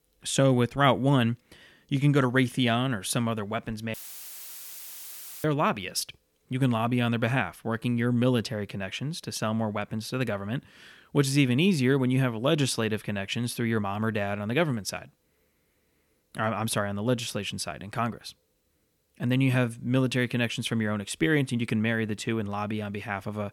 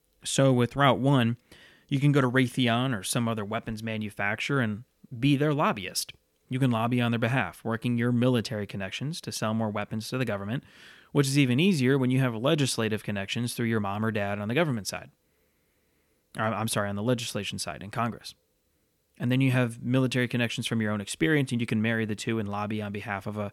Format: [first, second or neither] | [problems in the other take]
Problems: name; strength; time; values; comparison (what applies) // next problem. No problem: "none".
second | audio cutting out; filled with static; at 4 s for 1.5 s